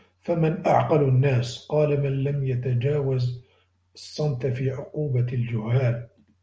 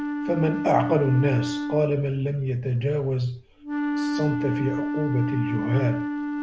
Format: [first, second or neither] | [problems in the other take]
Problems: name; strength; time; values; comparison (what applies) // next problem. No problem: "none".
first | background sound (Wind instrument, woodwind instrument); 4 dB below the speech